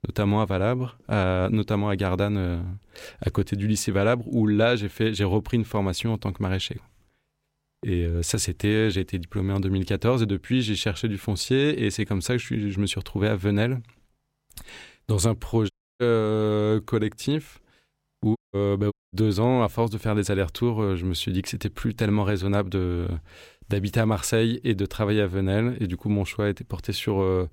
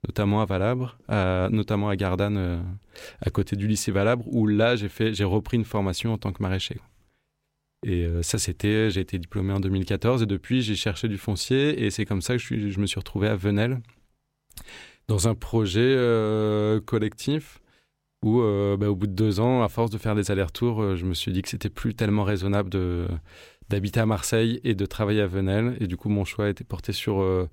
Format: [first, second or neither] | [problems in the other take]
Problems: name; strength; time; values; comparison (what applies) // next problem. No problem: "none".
second | audio cutting out; at 16 s, at 18 s and at 19 s